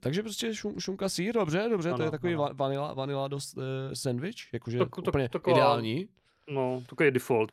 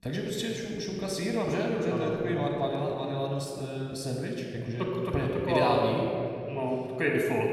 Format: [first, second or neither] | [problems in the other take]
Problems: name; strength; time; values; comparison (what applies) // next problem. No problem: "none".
first | off-mic speech; somewhat distant // room echo; noticeable; dies away in 2.3 s